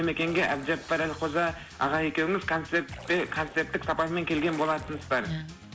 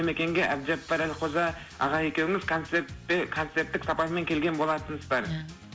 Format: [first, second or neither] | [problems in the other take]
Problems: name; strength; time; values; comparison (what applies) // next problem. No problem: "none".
second | background sound (Splash, splatter); 19 dB below the speech